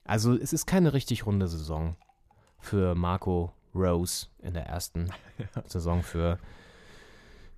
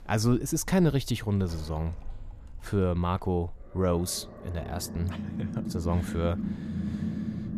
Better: first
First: none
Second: animal sounds; loud; throughout; 7 dB below the speech

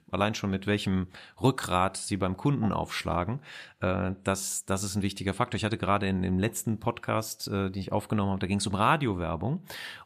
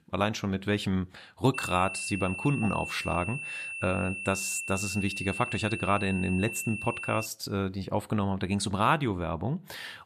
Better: first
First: none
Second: high-pitched whine; loud; from 1.5 to 7.5 s; 2.5 kHz, 5 dB below the speech

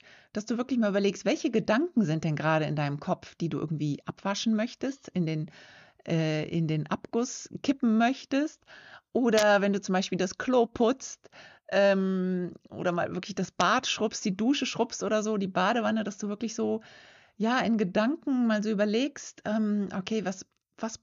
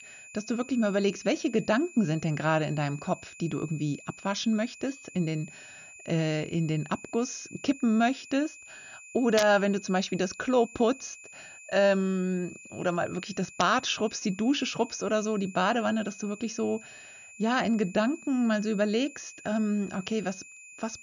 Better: first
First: none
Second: high-pitched whine; noticeable; throughout; 2.5 kHz, 20 dB below the speech

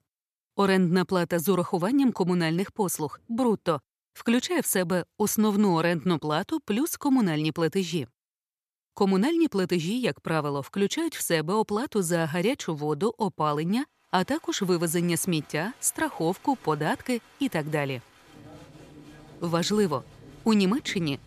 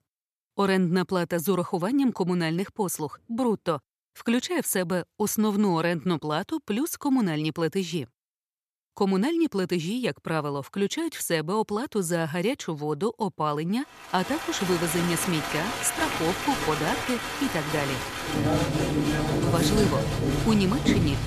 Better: first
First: crowd noise; faint; from 14 s on; 25 dB below the speech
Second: crowd noise; loud; from 14 s on; 1 dB below the speech

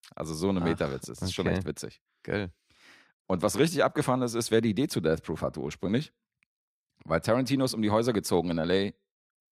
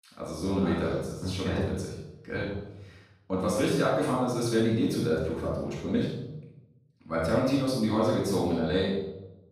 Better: first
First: none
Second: off-mic speech; far // room echo; strong; dies away in 0.8 s

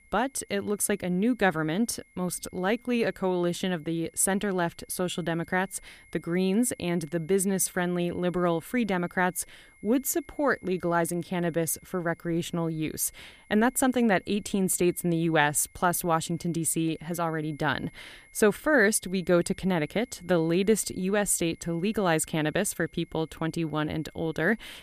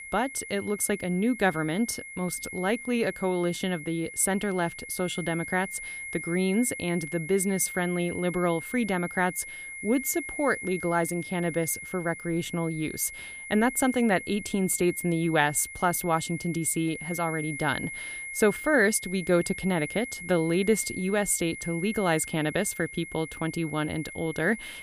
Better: first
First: high-pitched whine; faint; throughout; 2 kHz, 30 dB below the speech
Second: high-pitched whine; loud; throughout; 2 kHz, 10 dB below the speech

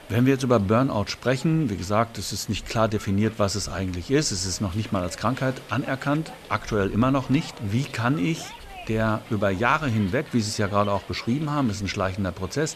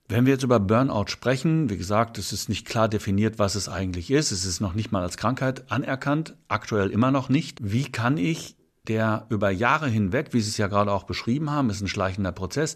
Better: second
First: hiss; noticeable; throughout; 20 dB below the speech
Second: none

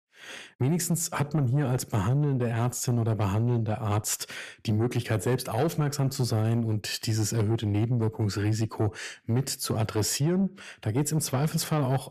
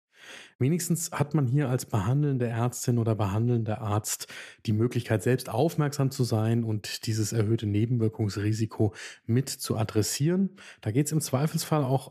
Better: second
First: distortion; slight; 10 dB below the speech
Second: none

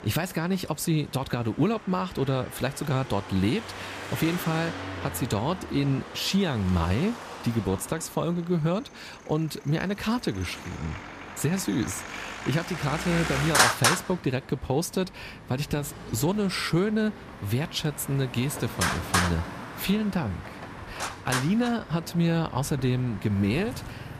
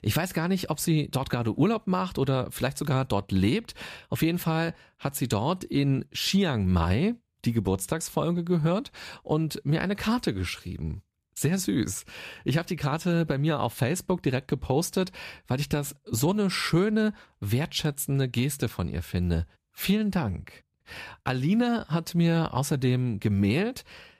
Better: second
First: traffic noise; loud; throughout; 5 dB below the speech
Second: none

